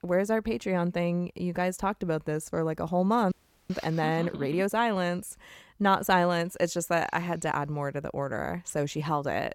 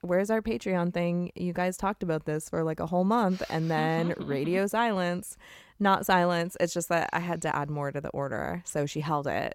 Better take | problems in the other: second | audio freezing; at 3.5 s

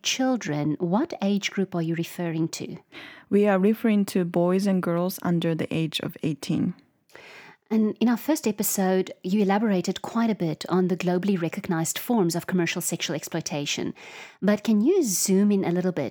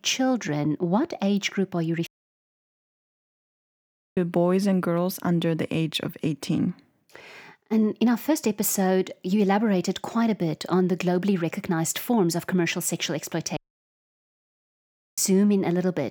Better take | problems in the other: first | audio cutting out; at 2 s for 2 s and at 14 s for 1.5 s

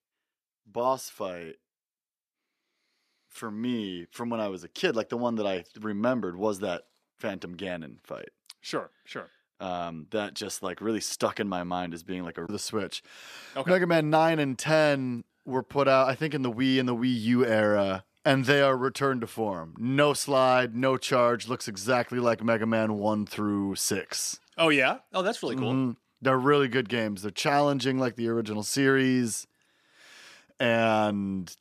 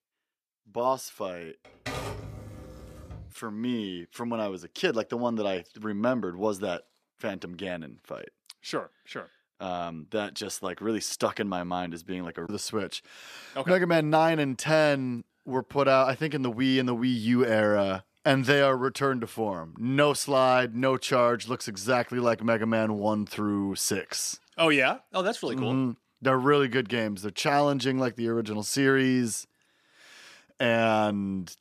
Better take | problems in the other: first | keyboard typing; noticeable; from 1.5 to 3.5 s; peak 8 dB below the speech

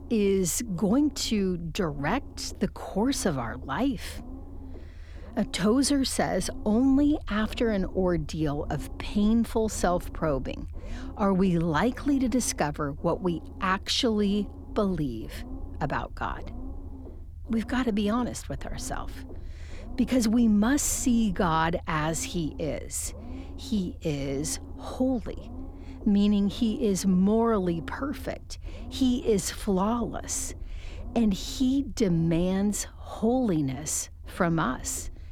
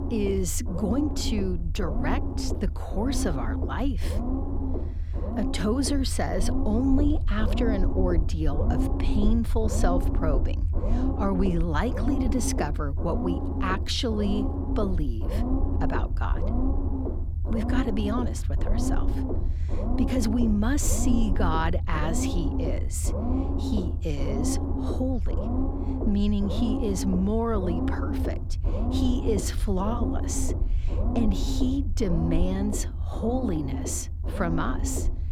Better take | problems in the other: first | low rumble; loud; throughout; 5 dB below the speech; faint in the first

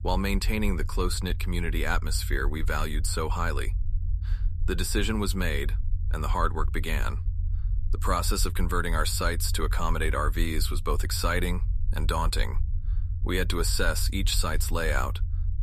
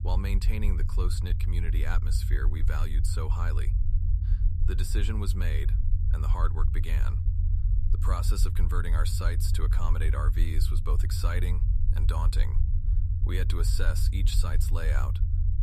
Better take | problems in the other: first | low rumble; loud; throughout; 8 dB below the speech; faint in the first

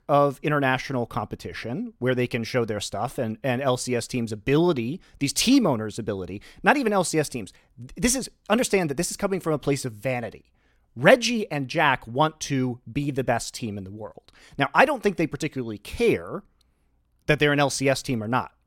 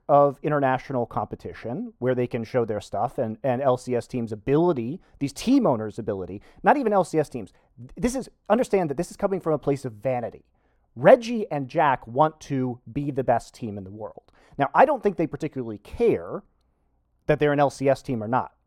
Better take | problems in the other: first | muffled; slightly; fading above 1.5 kHz

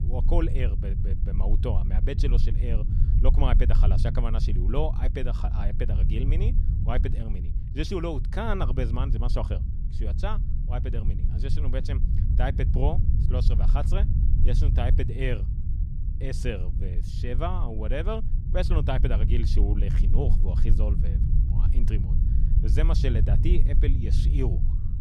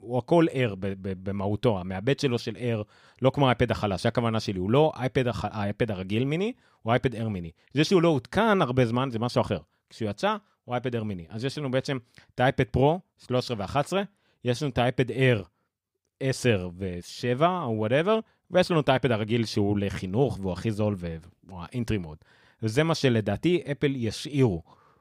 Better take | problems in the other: second | low rumble; loud; throughout; 7 dB below the speech

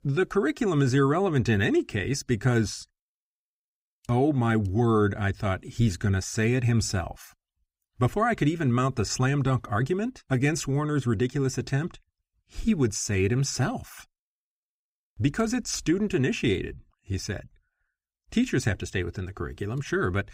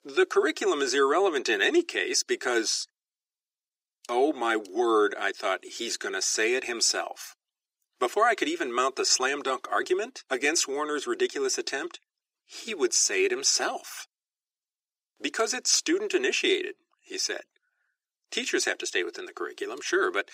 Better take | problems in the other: first | thin; very; fading below 350 Hz

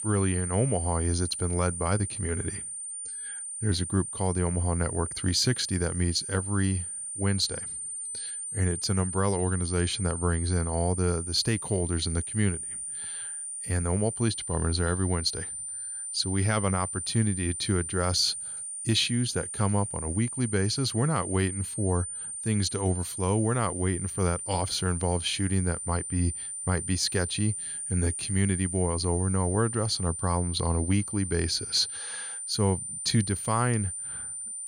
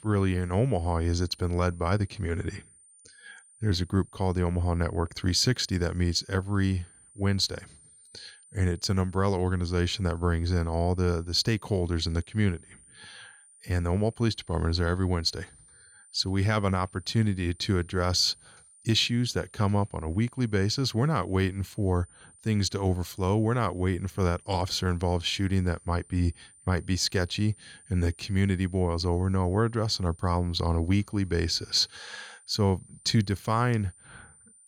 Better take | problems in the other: second | high-pitched whine; loud; throughout; 9 kHz, 5 dB below the speech; faint in the second

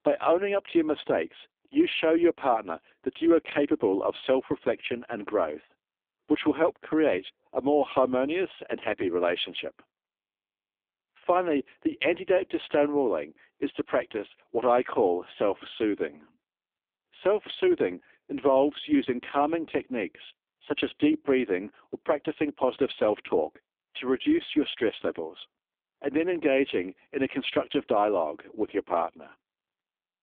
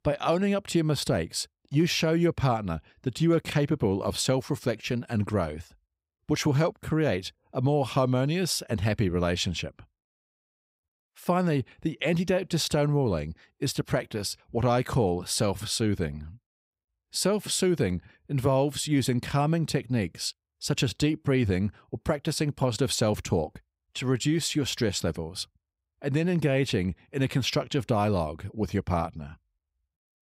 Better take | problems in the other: second | phone-call audio; poor line; nothing above 3.5 kHz

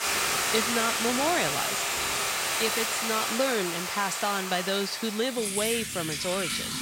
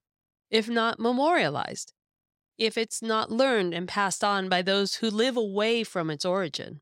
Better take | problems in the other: second | household noises; very loud; throughout; 2 dB above the speech

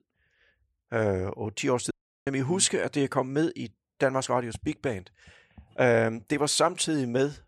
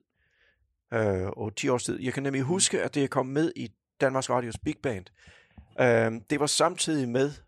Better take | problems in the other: second | audio cutting out; at 2 s

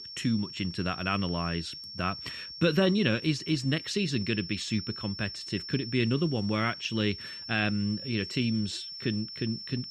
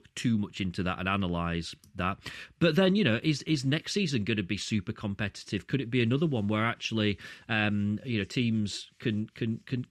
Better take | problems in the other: second | high-pitched whine; loud; throughout; 5.5 kHz, 9 dB below the speech

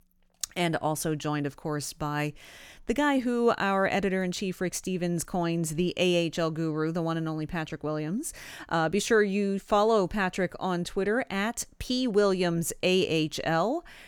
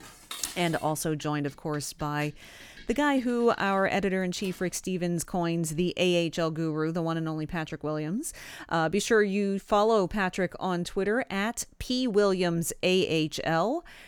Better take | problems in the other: first | clattering dishes; noticeable; until 4.5 s; peak 9 dB below the speech

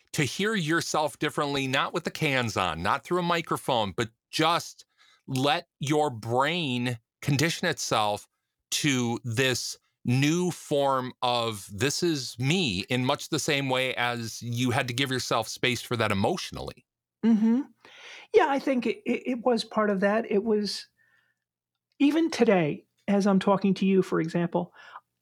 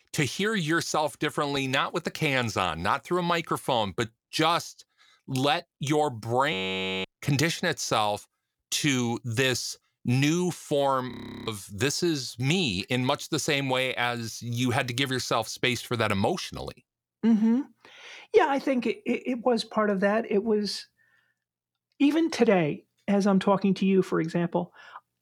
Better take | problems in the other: first | audio freezing; at 6.5 s for 0.5 s and at 11 s

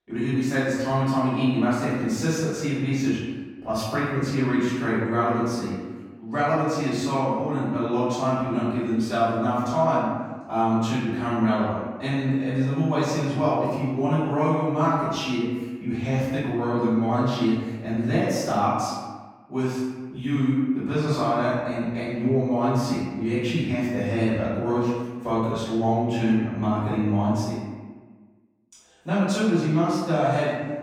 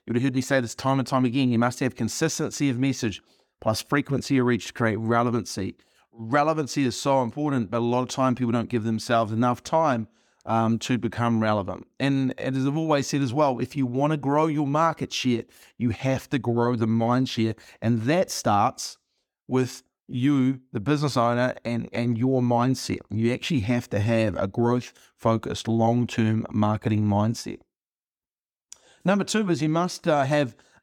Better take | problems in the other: second | off-mic speech; far // room echo; strong; dies away in 1.2 s

